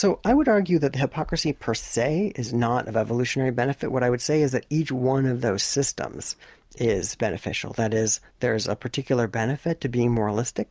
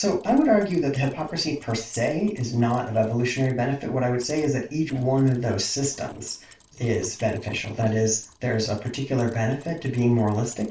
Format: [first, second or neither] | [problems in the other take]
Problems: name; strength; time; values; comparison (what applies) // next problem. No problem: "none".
first | noise reduction (neural separator model SepFormer DNS4)